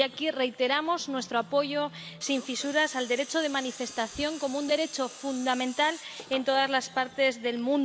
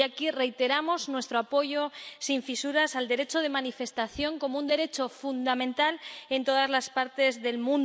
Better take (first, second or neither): second